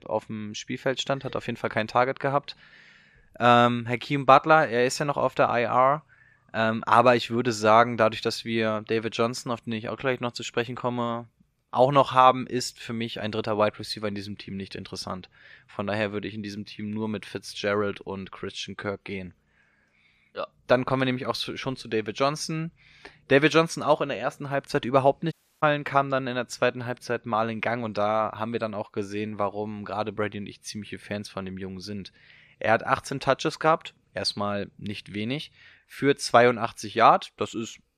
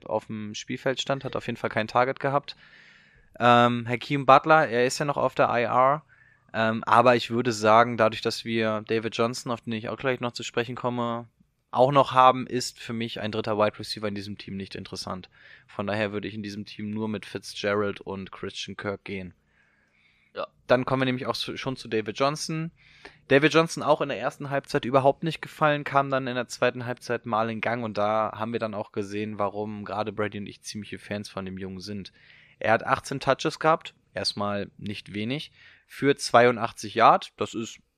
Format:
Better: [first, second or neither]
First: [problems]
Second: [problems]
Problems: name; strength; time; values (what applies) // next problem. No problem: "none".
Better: second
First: audio cutting out; at 25 s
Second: none